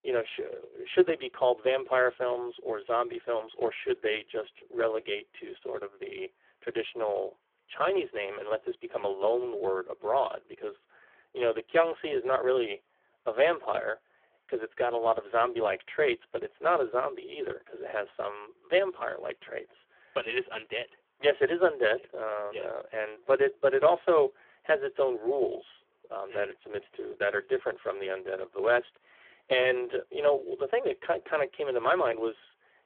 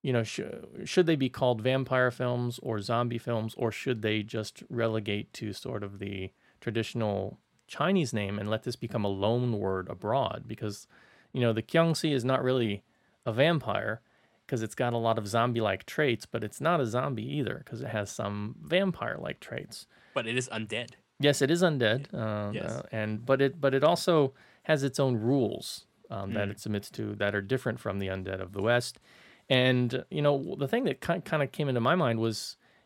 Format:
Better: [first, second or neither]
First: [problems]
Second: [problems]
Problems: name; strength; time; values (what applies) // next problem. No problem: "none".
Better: second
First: phone-call audio; poor line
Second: none